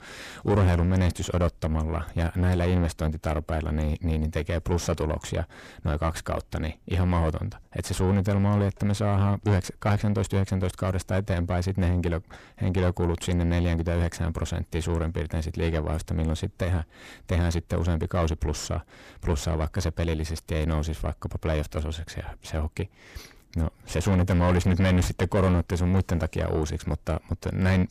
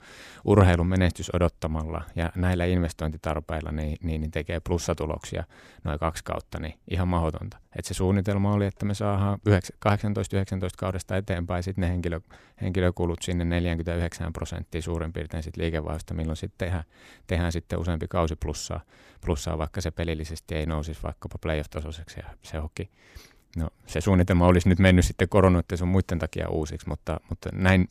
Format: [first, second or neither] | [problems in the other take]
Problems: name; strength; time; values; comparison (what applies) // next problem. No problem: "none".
second | distortion; heavy; 7 dB below the speech